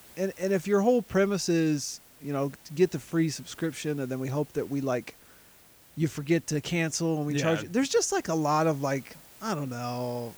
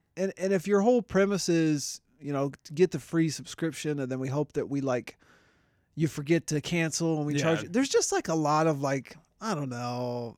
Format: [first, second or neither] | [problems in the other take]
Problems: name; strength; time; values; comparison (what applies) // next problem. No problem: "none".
second | hiss; faint; throughout; 25 dB below the speech